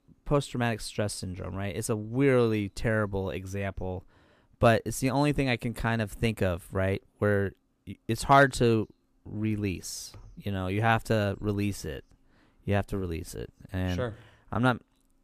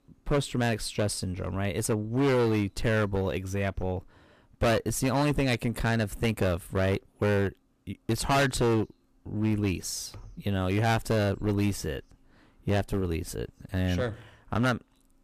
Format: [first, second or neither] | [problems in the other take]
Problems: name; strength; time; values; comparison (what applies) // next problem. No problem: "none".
first | distortion; heavy; 12% of the sound clipped